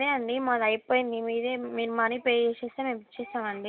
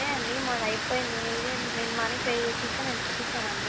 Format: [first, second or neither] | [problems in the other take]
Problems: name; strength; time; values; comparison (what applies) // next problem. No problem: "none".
first | background sound (Water); 2 dB above the speech